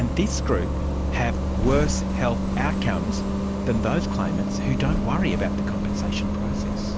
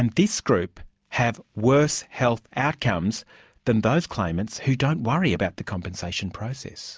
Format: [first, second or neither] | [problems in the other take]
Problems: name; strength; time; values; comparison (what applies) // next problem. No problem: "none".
second | background sound (Bus); 3 dB above the speech